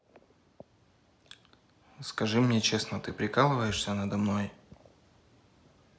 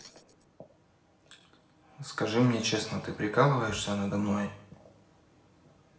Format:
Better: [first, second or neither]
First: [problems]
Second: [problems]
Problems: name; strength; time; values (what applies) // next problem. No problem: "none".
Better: first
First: none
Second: room echo; dies away in 0.6 s